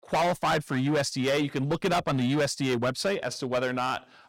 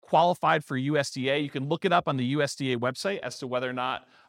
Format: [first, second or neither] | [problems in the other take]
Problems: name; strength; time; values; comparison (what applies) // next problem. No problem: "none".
second | distortion; heavy; 14% of the sound clipped